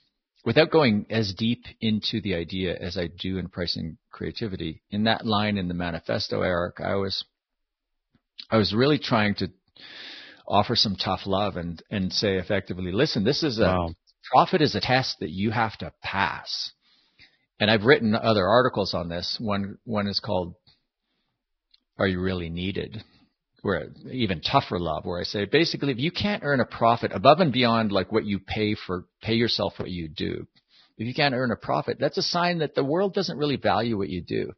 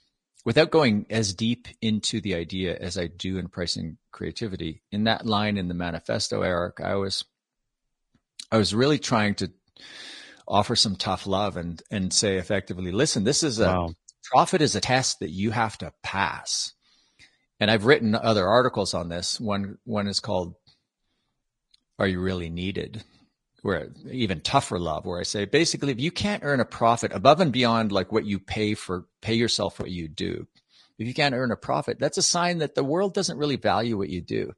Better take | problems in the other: second | garbled, watery; badly; nothing above 5.5 kHz; slightly in the second

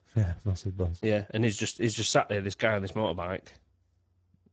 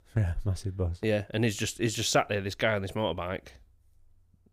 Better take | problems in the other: second | garbled, watery; badly; nothing above 7.5 kHz

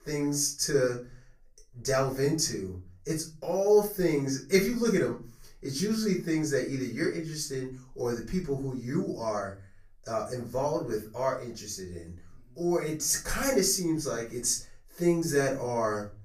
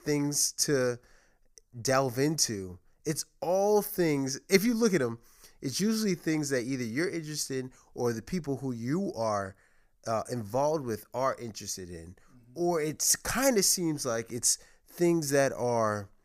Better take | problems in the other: second | off-mic speech; far // room echo; very slight; dies away in 0.3 s

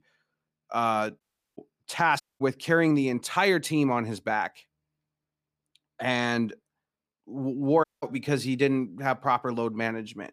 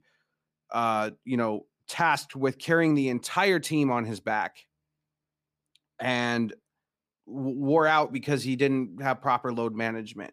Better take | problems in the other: second | audio cutting out; at 1 s, at 2 s and at 8 s

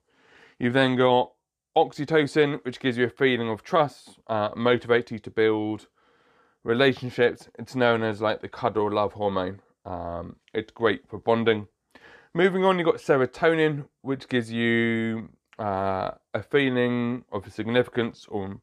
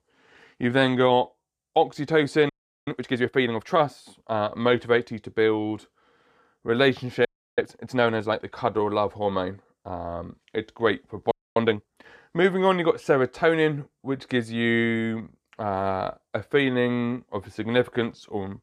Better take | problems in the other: first | audio freezing; at 2.5 s, at 7.5 s and at 11 s

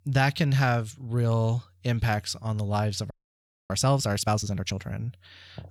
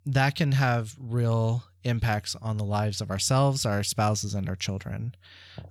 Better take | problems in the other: second | audio freezing; at 3 s for 0.5 s

